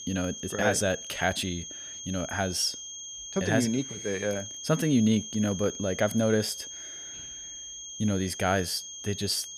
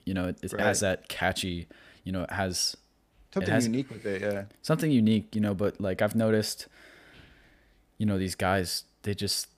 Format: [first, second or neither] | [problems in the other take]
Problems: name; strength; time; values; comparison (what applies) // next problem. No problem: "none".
second | high-pitched whine; loud; throughout; 6.5 kHz, 9 dB below the speech